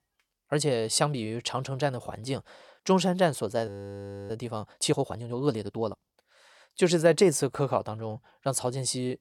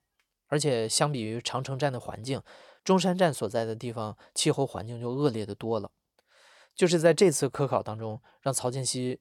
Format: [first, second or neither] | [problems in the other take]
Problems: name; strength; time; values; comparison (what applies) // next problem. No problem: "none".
second | audio freezing; at 3.5 s for 0.5 s